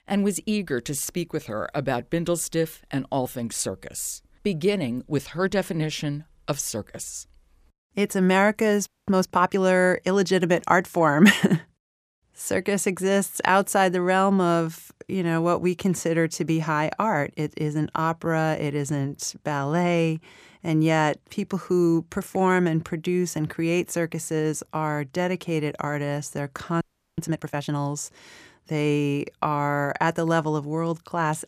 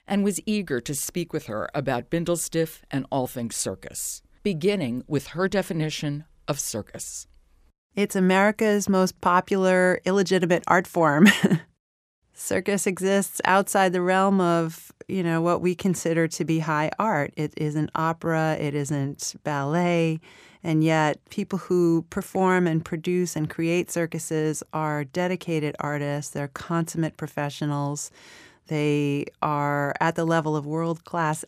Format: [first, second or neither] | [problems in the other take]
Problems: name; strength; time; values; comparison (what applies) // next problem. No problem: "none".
second | audio freezing; at 9 s and at 27 s